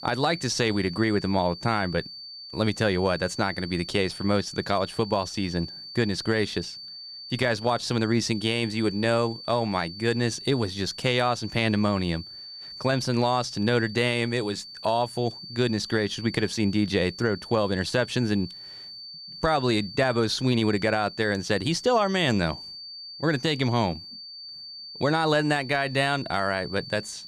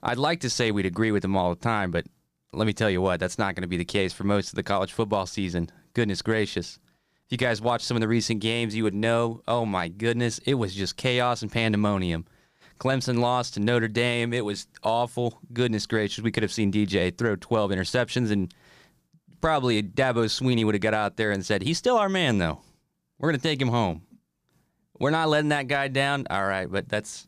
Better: second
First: high-pitched whine; noticeable; throughout; 4.5 kHz, 15 dB below the speech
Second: none

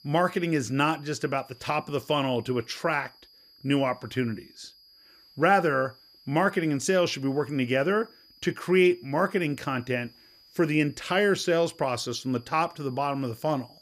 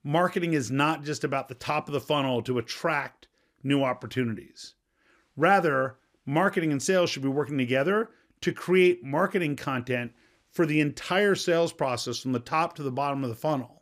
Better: second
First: high-pitched whine; faint; throughout; 5 kHz, 25 dB below the speech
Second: none

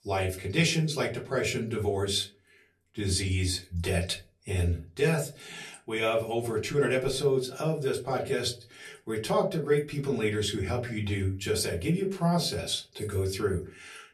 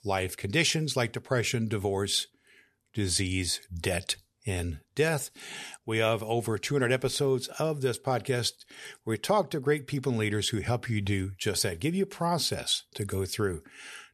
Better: second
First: off-mic speech; far // room echo; very slight; dies away in 0.3 s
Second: none

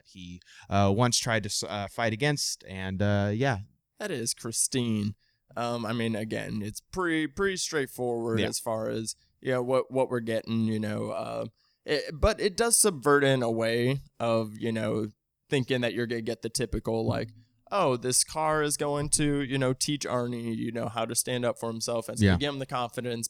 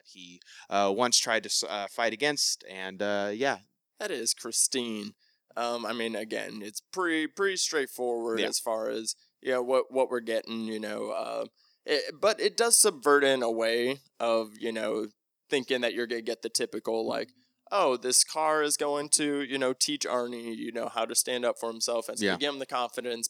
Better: first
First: none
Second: thin; somewhat; fading below 300 Hz

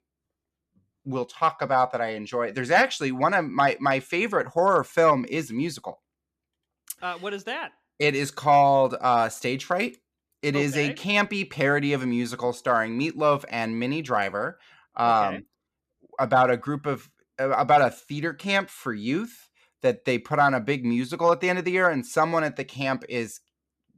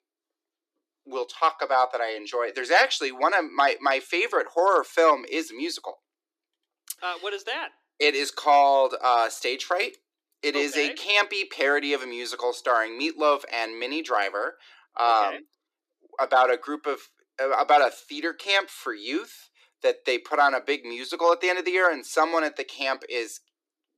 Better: first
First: none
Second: thin; somewhat; fading below 300 Hz

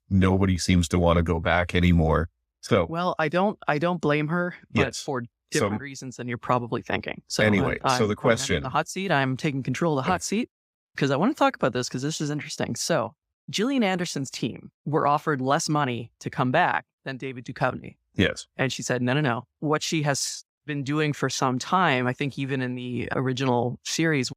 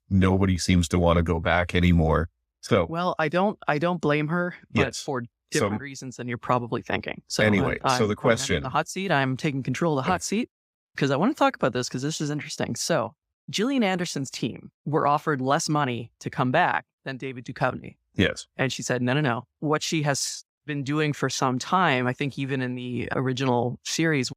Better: neither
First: none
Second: none

